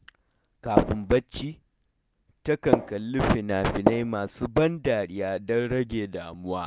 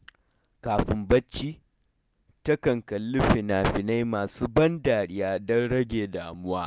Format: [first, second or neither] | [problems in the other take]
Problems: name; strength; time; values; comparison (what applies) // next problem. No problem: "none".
second | background sound (Tap); 3 dB above the speech